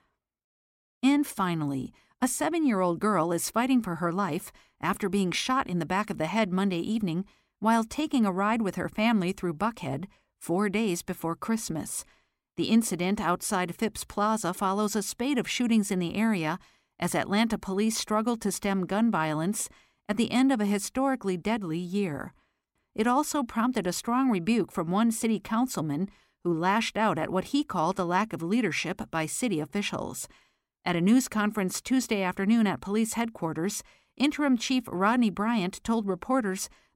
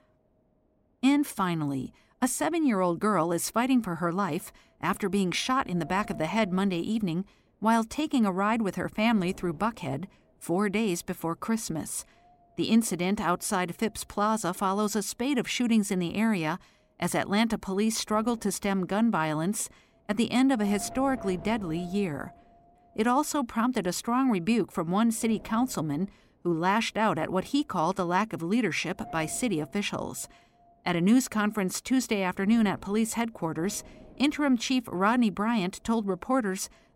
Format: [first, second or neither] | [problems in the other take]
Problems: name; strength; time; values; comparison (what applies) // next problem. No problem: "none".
first | wind noise on the microphone; occasional gusts; 20 dB below the speech